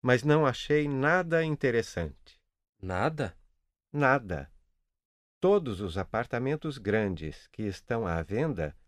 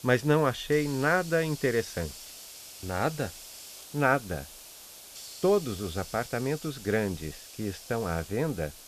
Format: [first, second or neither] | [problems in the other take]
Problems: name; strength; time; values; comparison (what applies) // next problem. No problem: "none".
first | hiss; noticeable; throughout; 15 dB below the speech